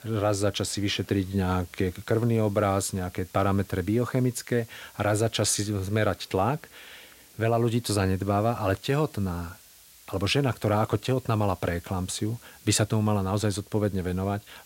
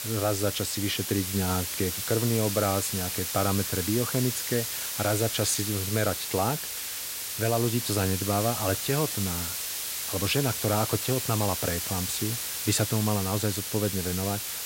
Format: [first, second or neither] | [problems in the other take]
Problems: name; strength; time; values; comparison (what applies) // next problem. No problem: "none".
first | hiss; loud; throughout; 1 dB below the speech; faint in the first